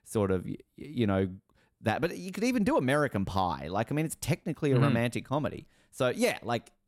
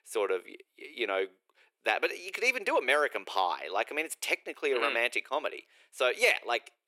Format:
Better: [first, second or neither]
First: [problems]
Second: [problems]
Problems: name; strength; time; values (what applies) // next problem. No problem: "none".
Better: first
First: none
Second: thin; very; fading below 400 Hz